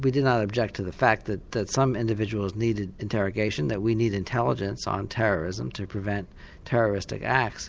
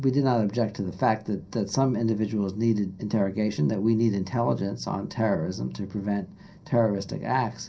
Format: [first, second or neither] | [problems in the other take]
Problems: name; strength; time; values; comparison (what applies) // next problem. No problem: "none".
first | room echo; dies away in 0.3 s